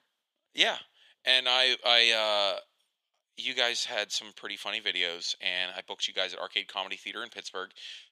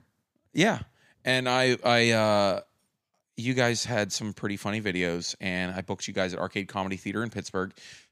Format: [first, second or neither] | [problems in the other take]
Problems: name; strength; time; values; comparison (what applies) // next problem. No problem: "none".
second | thin; very; fading below 600 Hz